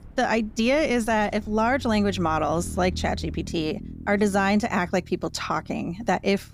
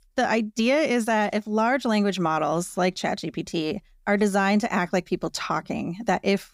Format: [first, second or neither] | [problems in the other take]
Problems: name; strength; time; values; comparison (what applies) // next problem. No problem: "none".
second | low rumble; faint; throughout; 25 dB below the speech